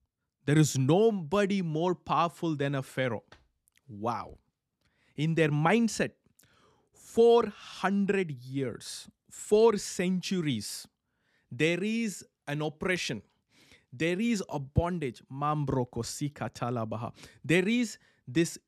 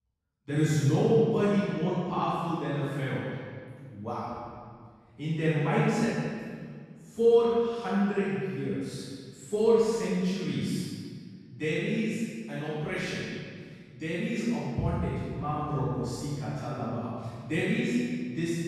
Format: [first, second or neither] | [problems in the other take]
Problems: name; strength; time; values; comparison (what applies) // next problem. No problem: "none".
first | off-mic speech; far // room echo; strong; dies away in 1.9 s